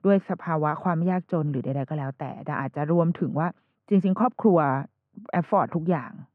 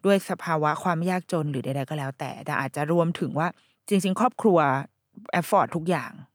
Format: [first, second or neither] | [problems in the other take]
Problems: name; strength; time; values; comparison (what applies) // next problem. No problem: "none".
second | muffled; very; fading above 1.5 kHz